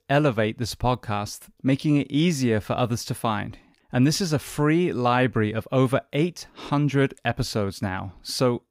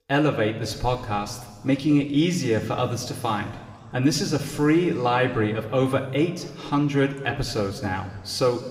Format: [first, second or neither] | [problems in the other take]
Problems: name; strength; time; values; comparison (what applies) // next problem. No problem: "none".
first | room echo; slight; dies away in 1.7 s